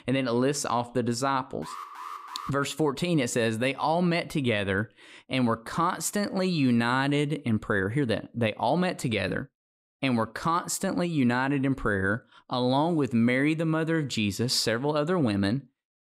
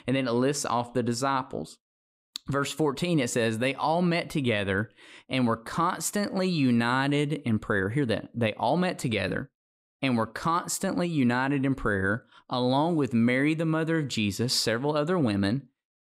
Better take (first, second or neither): second